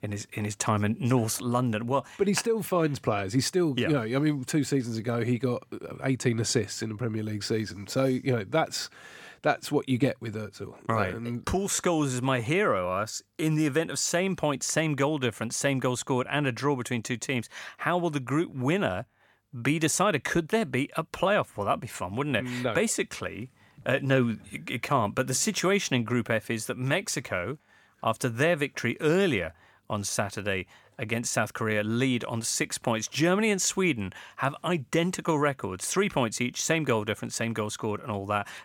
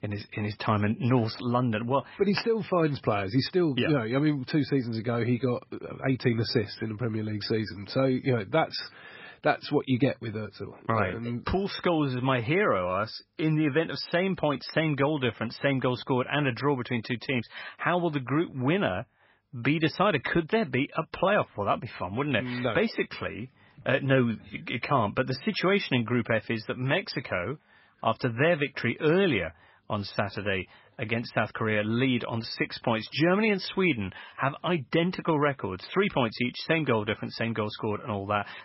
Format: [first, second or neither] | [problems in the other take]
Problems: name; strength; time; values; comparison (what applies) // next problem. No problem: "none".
first | garbled, watery; badly; nothing above 5.5 kHz